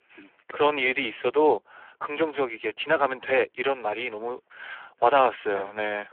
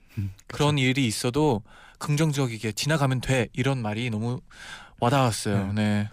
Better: second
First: phone-call audio; poor line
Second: none

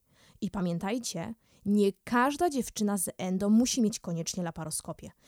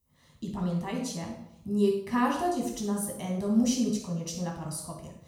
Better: first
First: none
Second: off-mic speech; somewhat distant // room echo; noticeable; dies away in 0.6 s

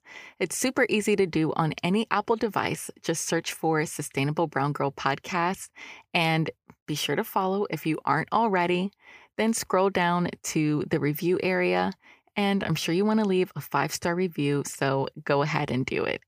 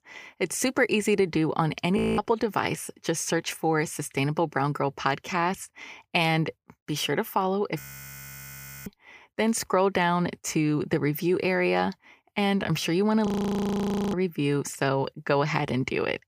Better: first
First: none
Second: audio freezing; at 2 s, at 8 s for 1 s and at 13 s for 1 s

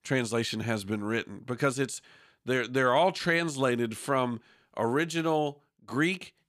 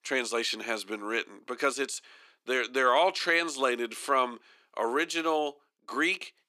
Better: first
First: none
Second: thin; somewhat; fading below 300 Hz

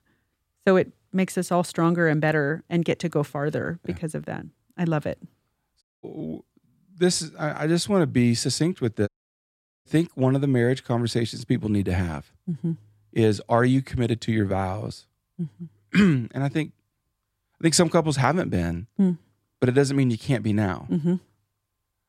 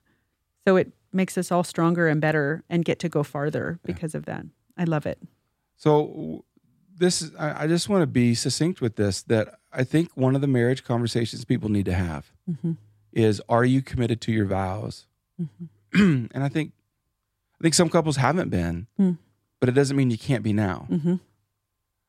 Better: second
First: audio cutting out; at 6 s and at 9 s for 1 s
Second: none

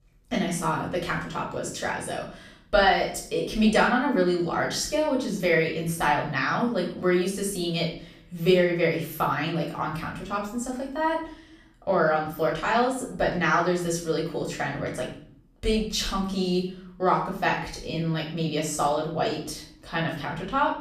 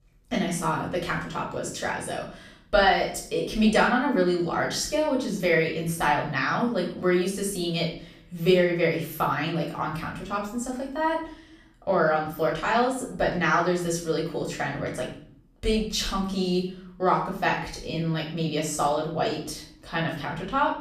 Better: neither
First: off-mic speech; far // room echo; noticeable; dies away in 0.5 s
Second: off-mic speech; far // room echo; noticeable; dies away in 0.5 s

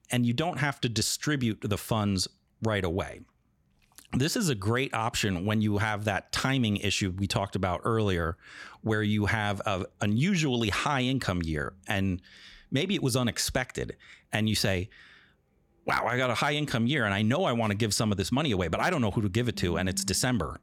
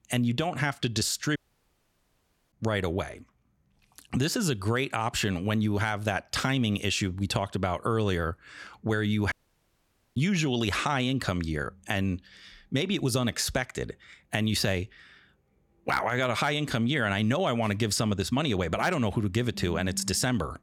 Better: first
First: none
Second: audio cutting out; at 1.5 s for 1 s and at 9.5 s for 1 s

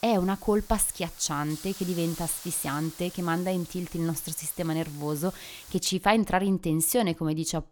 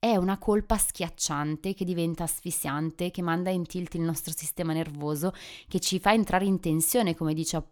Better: second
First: hiss; noticeable; until 6 s; 15 dB below the speech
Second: none

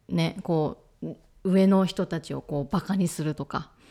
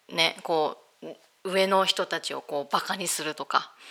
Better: first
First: none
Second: thin; very; fading below 700 Hz

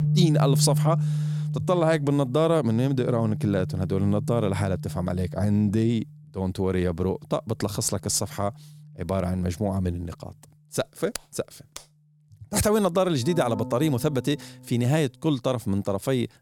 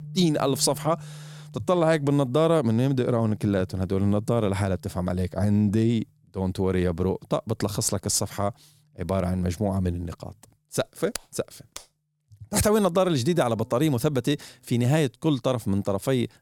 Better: second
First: background music; loud; throughout; 4 dB below the speech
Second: background music; faint; throughout; 20 dB below the speech

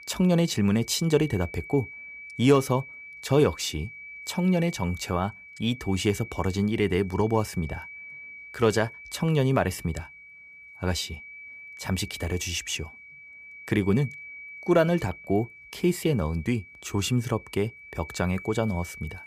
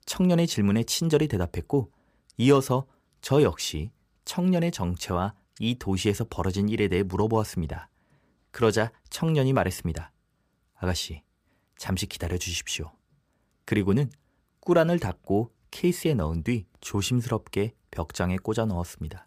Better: second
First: high-pitched whine; noticeable; throughout; 2.5 kHz, 15 dB below the speech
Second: none

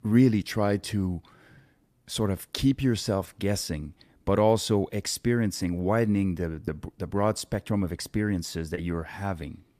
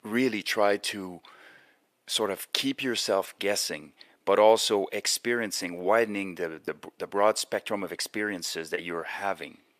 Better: first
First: none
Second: thin; somewhat; fading below 500 Hz

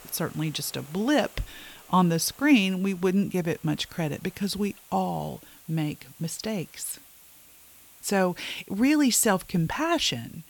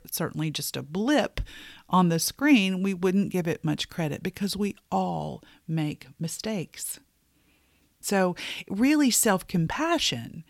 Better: second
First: hiss; faint; throughout; 25 dB below the speech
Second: none

